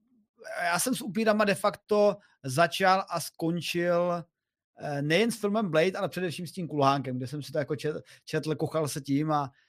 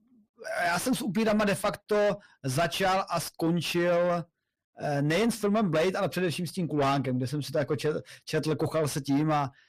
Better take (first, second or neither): first